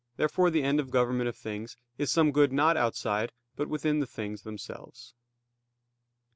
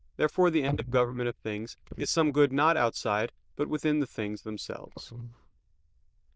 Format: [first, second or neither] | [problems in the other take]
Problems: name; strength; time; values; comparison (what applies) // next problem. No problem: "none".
first | noise reduction (neural diffusion model UNIVERSE++)